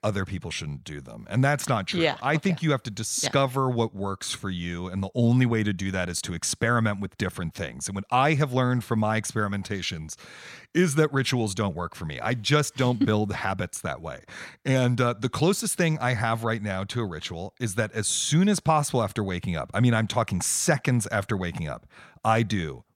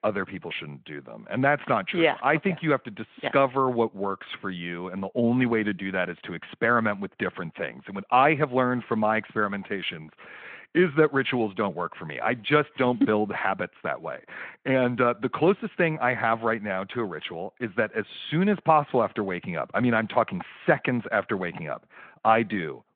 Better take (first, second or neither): first